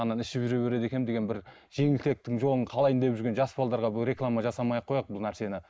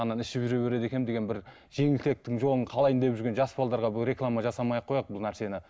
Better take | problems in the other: second | noise reduction (neural mask model Resemble Enhance denoiser)

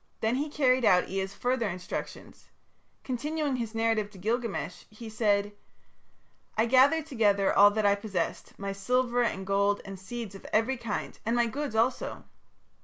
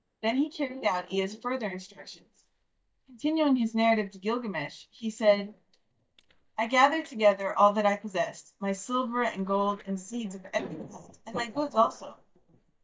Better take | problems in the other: first | noise reduction (neural mask model DeepFilterNet 3)

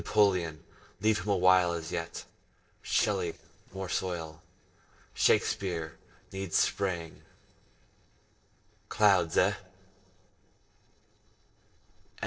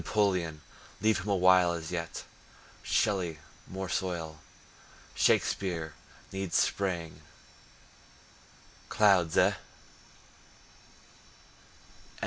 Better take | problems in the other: second | noise reduction (neural separator model SepFormer DNS4)

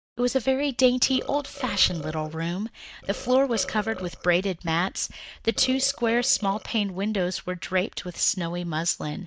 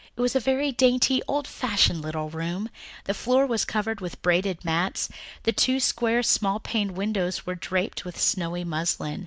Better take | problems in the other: second | noise reduction (neural mask model DeepFilterNet 3)

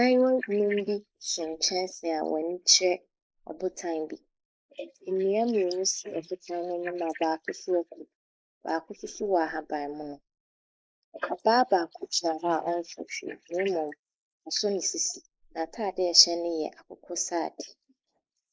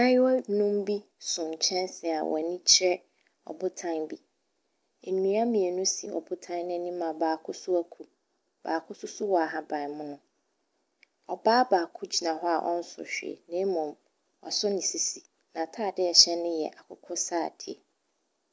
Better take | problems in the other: second | noise reduction (neural mask model Resemble Enhance denoiser)

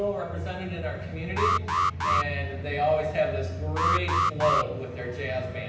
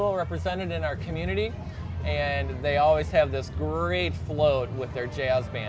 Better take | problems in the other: second | background sound (Alarm); 1 dB above the speech // room echo; dies away in 0.9 s

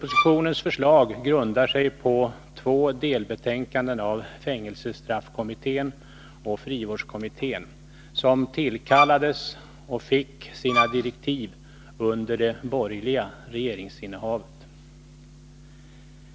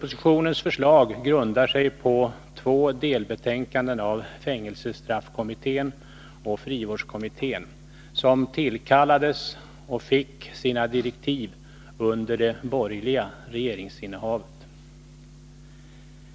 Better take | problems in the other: second | background sound (Bowed string instrument); as loud as the speech

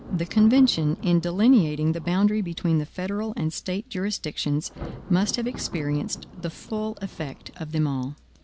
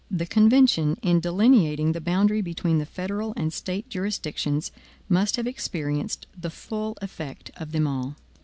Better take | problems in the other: second | background sound (Thunder); 18 dB below the speech

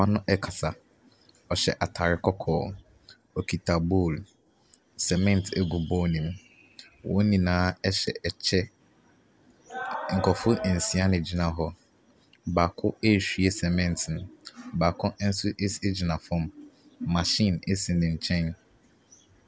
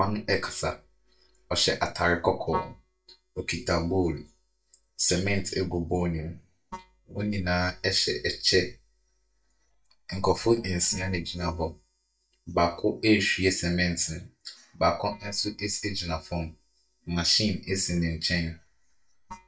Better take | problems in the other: first | noise reduction (neural mask model DeepFilterNet 3)

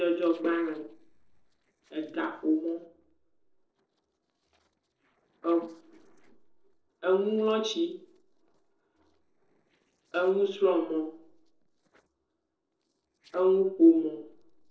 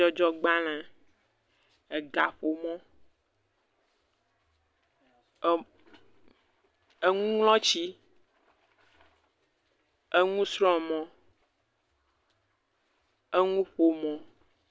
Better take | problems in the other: second | noise reduction (neural separator model SepFormer DNS4)

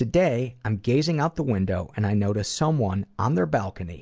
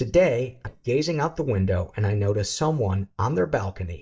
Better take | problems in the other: first | noise reduction (neural mask model DeepFilterNet 3)

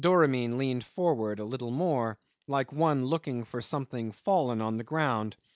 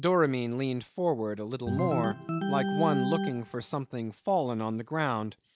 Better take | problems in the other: first | background sound (Organ); 3 dB below the speech

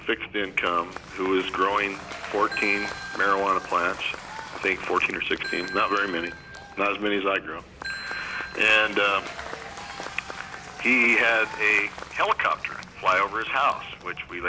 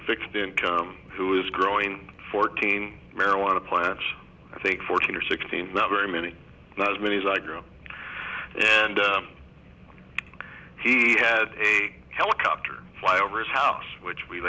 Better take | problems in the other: second | background sound (Ringtone / Bell + Applause / Crowd / Cheering); 13 dB below the speech

